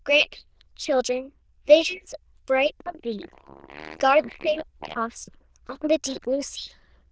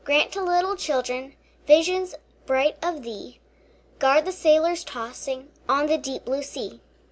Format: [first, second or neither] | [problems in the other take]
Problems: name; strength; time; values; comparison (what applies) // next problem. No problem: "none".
second | noise reduction (neural diffusion model UNIVERSE++)